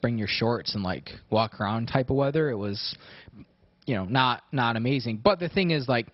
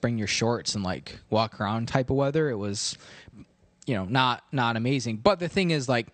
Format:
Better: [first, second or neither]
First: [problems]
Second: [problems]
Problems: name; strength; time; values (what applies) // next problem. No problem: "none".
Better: second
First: garbled, watery; badly; nothing above 5.5 kHz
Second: garbled, watery; slightly; nothing above 8.5 kHz